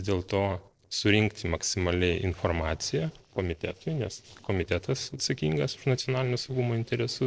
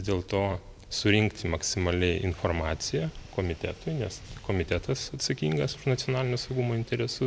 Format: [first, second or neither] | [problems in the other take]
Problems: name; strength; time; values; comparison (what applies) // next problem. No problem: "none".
second | noise reduction (neural separator model SepFormer DNS4)